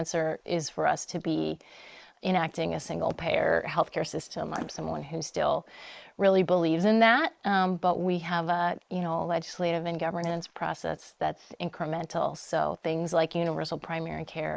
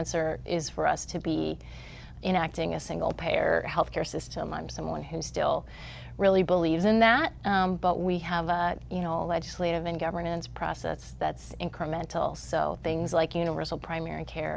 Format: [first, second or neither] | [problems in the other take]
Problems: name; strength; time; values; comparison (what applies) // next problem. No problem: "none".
second | noise reduction (neural mask model Resemble Enhance denoiser)